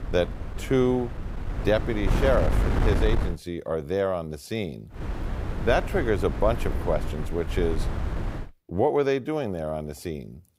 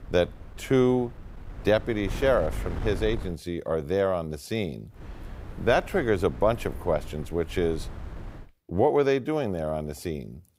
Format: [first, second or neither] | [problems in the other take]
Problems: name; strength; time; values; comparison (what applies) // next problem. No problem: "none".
second | wind noise on the microphone; heavy; until 3.5 s and from 5 to 8.5 s; 9 dB below the speech; occasional gusts in the second